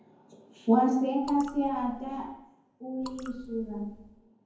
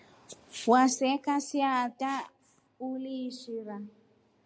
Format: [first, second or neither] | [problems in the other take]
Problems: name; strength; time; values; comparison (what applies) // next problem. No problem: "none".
second | background sound (Raindrop / Drip); 19 dB below the speech // room echo; dies away in 0.9 s